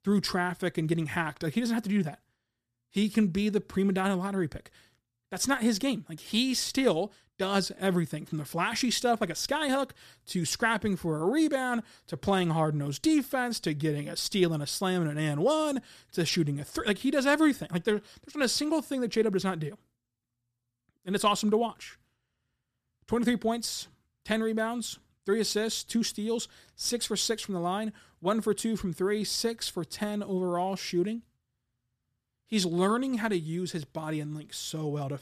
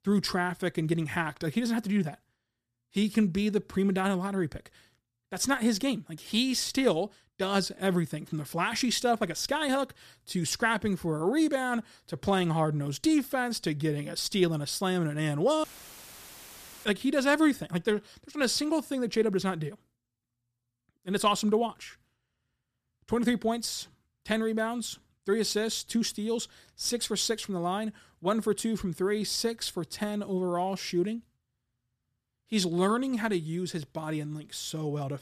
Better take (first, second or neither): first